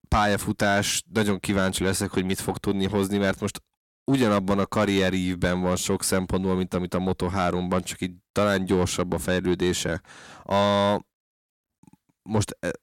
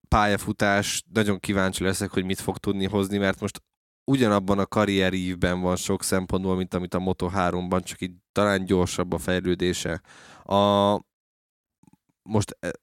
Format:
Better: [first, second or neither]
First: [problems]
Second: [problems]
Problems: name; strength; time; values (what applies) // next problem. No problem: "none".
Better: second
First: distortion; slight; 10 dB below the speech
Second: none